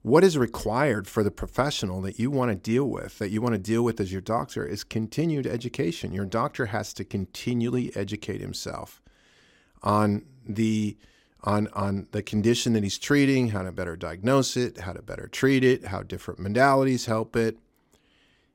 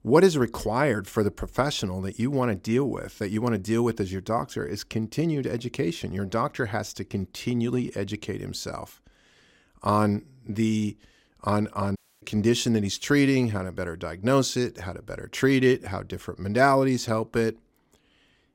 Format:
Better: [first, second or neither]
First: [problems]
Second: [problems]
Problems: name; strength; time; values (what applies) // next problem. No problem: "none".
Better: first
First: none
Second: audio cutting out; at 12 s